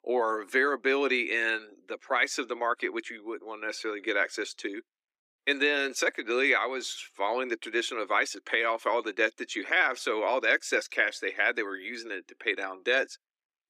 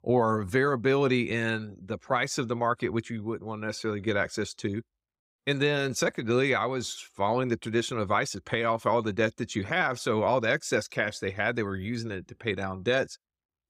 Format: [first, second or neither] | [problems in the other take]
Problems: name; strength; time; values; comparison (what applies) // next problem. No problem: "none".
second | thin; somewhat; fading below 300 Hz